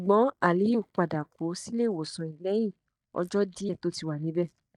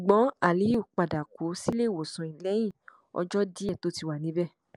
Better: second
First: noise reduction (neural mask model DeepFilterNet 3)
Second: none

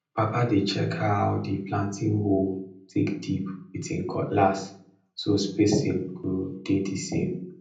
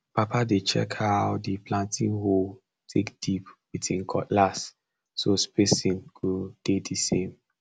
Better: second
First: room echo; dies away in 0.6 s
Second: none

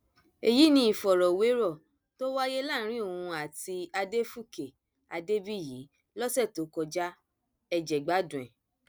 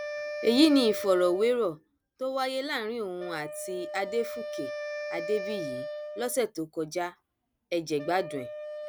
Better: first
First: none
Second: background sound (Wind instrument, woodwind instrument); 9 dB below the speech

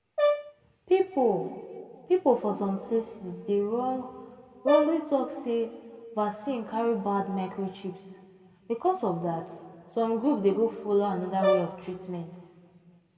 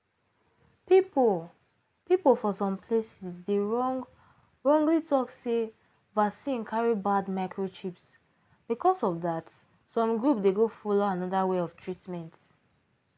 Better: second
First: background sound (Brass instrument); 2 dB below the speech // room echo; dies away in 1.8 s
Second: none

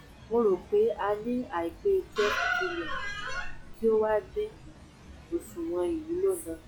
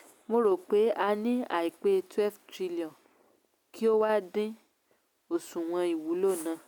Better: second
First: noise reduction (classical method log-MMSE)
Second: none

